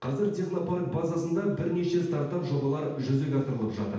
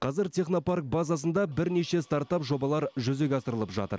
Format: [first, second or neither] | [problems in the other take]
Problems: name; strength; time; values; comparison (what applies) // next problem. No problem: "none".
second | room echo; dies away in 0.8 s